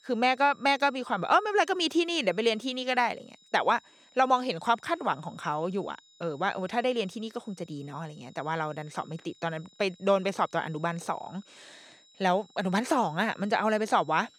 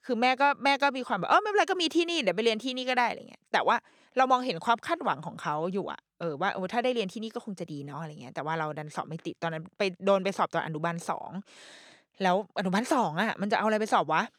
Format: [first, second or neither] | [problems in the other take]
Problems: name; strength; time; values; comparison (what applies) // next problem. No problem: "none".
second | high-pitched whine; faint; throughout; 4 kHz, 30 dB below the speech